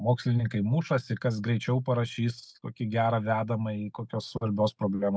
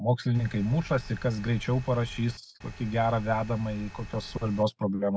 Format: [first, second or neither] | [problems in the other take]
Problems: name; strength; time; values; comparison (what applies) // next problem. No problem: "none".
first | background sound (Engine); 15 dB below the speech